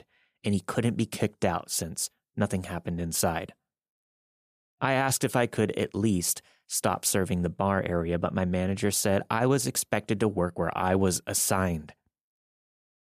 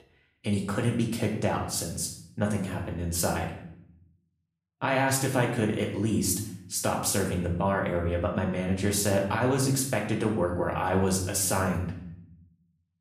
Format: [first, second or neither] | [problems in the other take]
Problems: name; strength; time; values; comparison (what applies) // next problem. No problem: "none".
first | room echo; slight; dies away in 0.6 s // off-mic speech; far